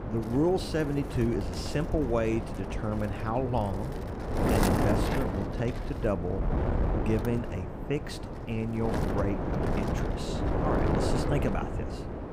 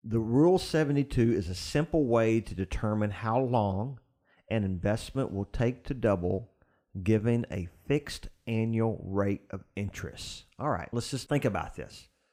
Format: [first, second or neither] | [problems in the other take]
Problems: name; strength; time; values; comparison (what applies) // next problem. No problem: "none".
second | wind noise on the microphone; heavy; 1 dB below the speech